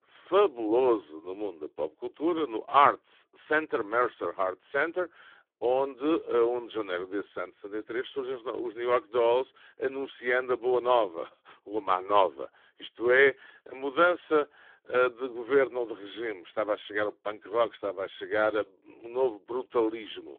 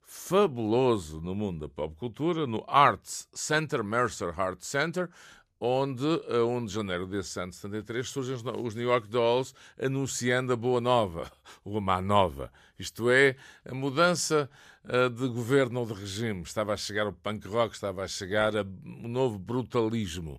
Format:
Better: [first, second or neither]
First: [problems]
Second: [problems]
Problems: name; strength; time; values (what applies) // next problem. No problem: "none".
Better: second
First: phone-call audio; poor line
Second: none